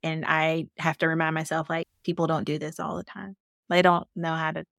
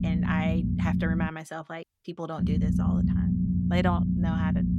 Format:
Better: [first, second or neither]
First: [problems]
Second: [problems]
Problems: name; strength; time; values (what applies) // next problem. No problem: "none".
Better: first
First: none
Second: low rumble; loud; until 1.5 s and from 2.5 s on; 1 dB below the speech